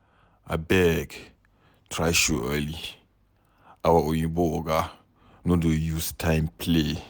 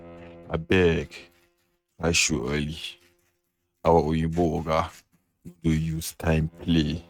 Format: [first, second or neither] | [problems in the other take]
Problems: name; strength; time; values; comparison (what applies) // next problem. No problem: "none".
first | noise reduction (neural mask model RNNoise)